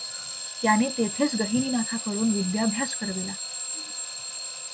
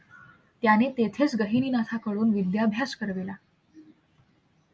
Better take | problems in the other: second | background sound (Alarm / Clock); 4 dB below the speech

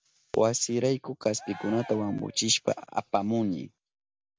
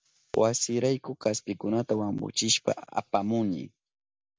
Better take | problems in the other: second | background sound (Cheering); 19 dB below the speech

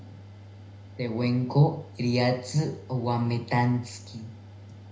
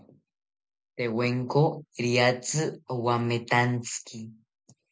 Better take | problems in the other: second | background sound (Mechanical fan); 17 dB below the speech // room echo; dies away in 0.5 s

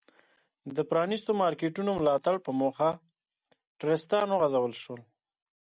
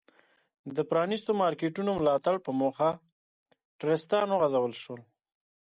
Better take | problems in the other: first | noise reduction (neural mask model Resemble Enhance denoiser)

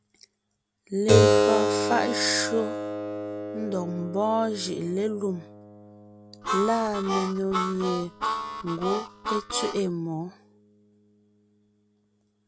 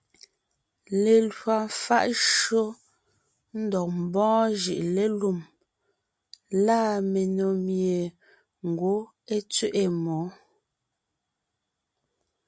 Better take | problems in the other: second | background sound (Keyboard (musical) + Harmonica); as loud as the speech

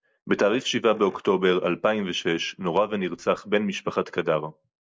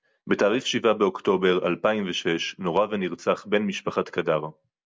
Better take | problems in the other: second | noise reduction (neural mask model Resemble Enhance denoiser)

